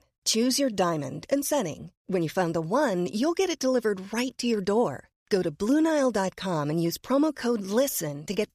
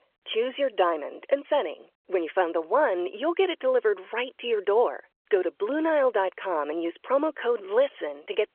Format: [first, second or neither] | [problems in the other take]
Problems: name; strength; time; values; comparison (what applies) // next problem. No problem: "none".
first | phone-call audio; nothing above 3.5 kHz